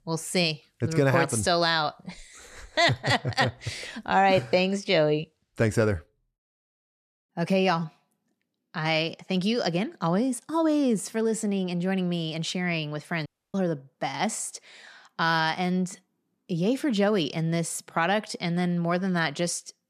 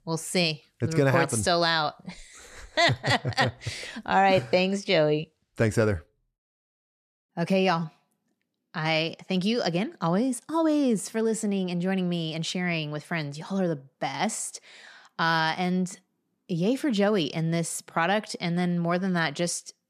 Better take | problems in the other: second | audio cutting out; at 13 s

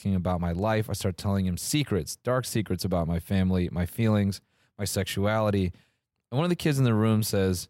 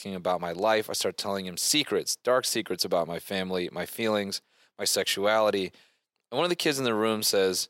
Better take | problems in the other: first | thin; somewhat; fading below 400 Hz

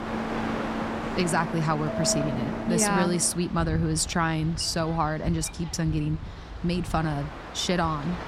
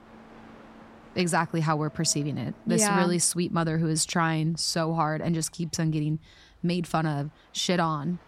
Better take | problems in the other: second | train or aircraft noise; loud; throughout; 7 dB below the speech; faint in the second

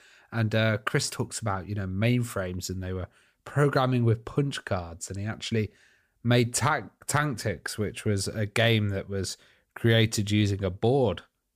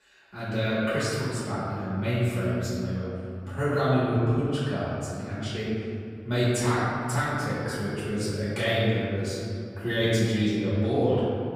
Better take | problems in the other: first | off-mic speech; far // room echo; strong; dies away in 2.5 s

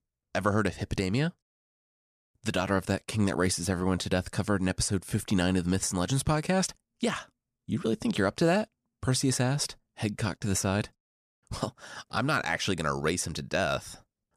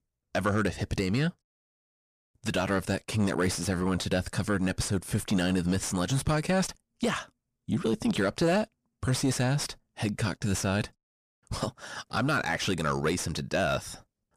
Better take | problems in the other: first | distortion; slight; 9 dB below the speech

